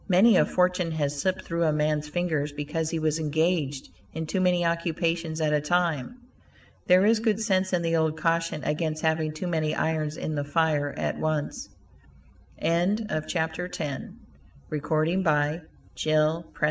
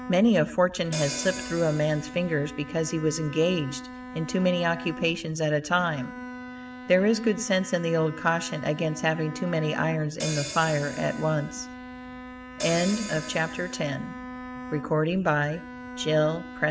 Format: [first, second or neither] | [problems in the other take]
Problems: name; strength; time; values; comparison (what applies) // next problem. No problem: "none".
first | background sound (Hi-hat + Bowed string instrument); 12 dB below the speech